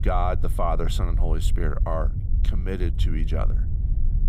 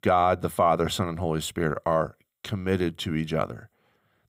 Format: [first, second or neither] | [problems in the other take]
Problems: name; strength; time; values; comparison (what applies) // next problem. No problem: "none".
second | low rumble; noticeable; throughout; 15 dB below the speech